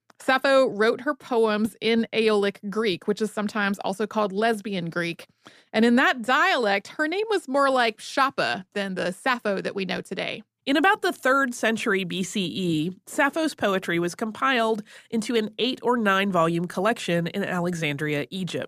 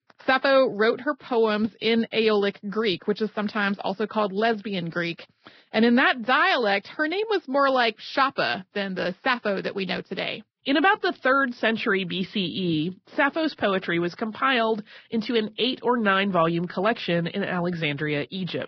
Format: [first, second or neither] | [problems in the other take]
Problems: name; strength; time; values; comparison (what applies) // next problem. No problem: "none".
first | garbled, watery; badly